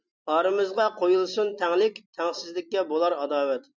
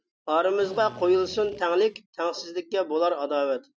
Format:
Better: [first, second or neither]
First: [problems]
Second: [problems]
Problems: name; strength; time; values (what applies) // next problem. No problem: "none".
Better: first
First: none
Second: background sound (Drill); 20 dB below the speech